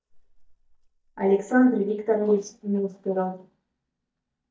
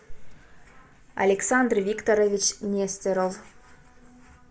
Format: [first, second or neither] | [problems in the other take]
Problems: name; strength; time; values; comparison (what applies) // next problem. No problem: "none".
second | noise reduction (neural mask model DeepFilterNet 3)